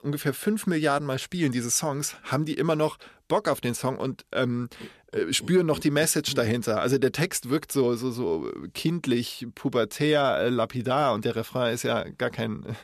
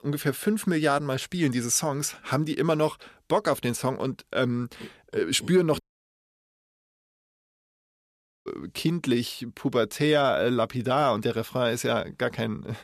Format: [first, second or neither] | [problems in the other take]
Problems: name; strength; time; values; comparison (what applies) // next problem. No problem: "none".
first | audio cutting out; at 6 s for 2.5 s